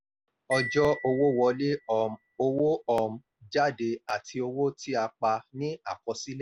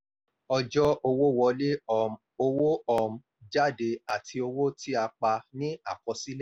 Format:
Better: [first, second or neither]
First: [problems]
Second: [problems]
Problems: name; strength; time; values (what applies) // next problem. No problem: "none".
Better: second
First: background sound (Marimba, xylophone); 14 dB below the speech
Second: none